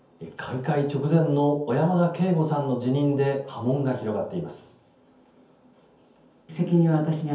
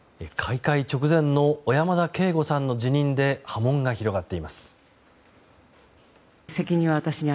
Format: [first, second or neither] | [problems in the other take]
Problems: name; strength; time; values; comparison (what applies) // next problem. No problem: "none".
second | room echo; dies away in 0.5 s